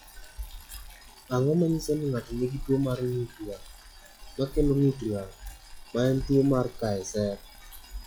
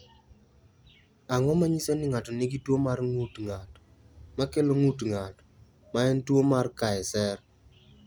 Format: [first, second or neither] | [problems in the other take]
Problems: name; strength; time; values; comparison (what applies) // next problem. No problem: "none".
second | noise reduction (classical method log-MMSE)